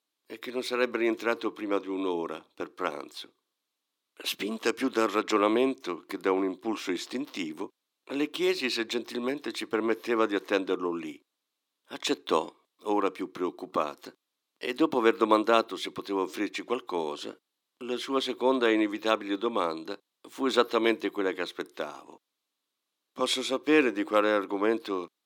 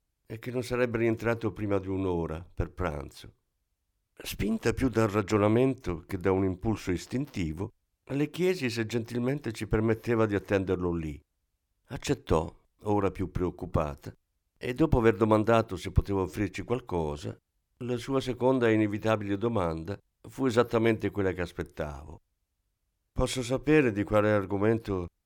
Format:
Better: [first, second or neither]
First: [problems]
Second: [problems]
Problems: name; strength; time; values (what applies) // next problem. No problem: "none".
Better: second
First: thin; very slightly; fading below 300 Hz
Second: none